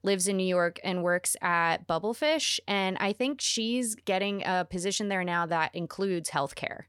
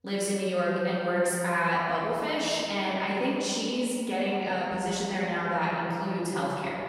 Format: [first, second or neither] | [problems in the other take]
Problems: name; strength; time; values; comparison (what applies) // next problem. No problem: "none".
first | off-mic speech; far // room echo; strong; dies away in 2.5 s